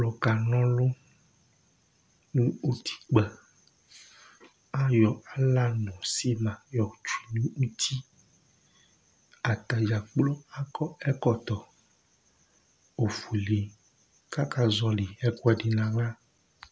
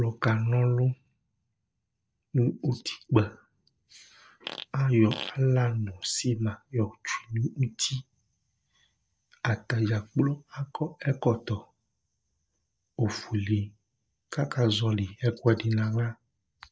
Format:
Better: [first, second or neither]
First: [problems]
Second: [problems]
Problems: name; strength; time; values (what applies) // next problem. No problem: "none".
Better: first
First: none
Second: noise reduction (neural mask model DeepFilterNet 3)